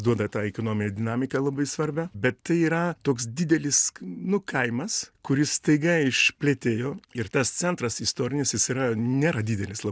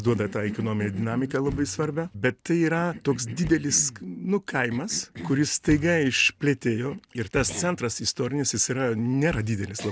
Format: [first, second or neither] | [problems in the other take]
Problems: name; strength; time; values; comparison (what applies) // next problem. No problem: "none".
first | background sound (Thump, thud + Cough); 14 dB below the speech